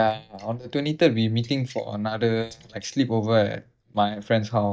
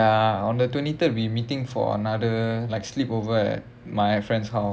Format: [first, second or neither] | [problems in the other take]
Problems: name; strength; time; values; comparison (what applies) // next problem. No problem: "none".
second | noise reduction (neural mask model DeepFilterNet 3)